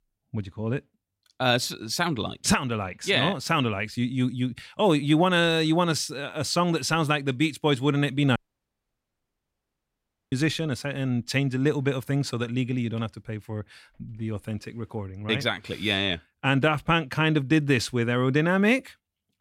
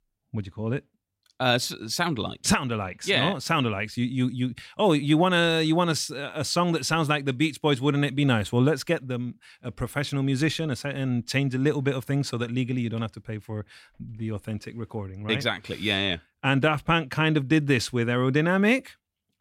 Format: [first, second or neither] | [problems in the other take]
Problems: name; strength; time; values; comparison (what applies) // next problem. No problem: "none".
second | audio cutting out; at 8.5 s for 2 s